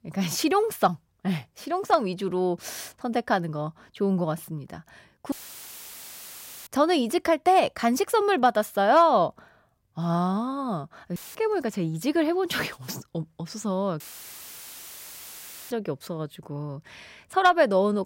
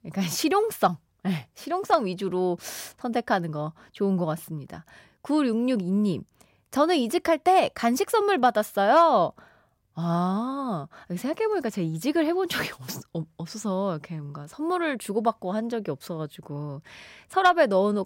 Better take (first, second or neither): second